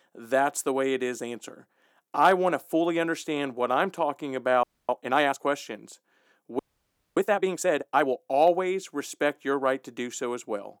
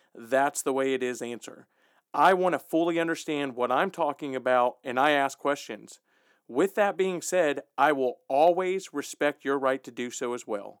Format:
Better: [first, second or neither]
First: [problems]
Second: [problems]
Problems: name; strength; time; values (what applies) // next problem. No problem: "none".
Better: second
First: audio freezing; at 4.5 s and at 6.5 s for 0.5 s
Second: none